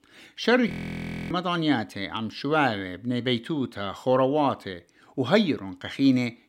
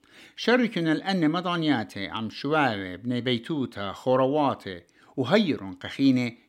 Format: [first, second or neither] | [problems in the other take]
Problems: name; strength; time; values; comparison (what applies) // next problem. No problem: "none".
second | audio freezing; at 0.5 s for 0.5 s